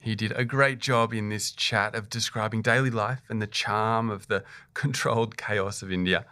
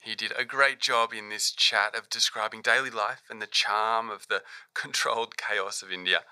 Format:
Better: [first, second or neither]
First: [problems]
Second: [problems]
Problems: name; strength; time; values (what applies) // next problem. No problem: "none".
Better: first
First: none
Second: thin; very; fading below 650 Hz